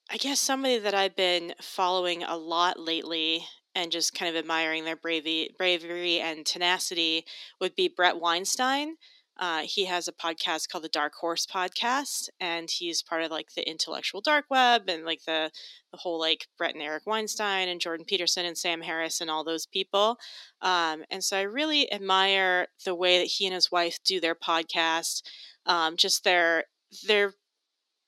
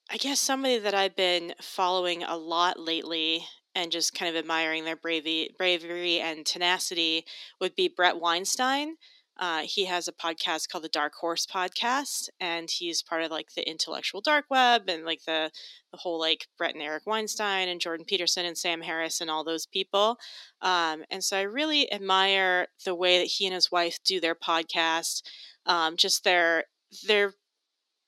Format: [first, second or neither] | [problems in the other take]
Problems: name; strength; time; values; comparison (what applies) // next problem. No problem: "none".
neither | thin; somewhat; fading below 250 Hz; the same in both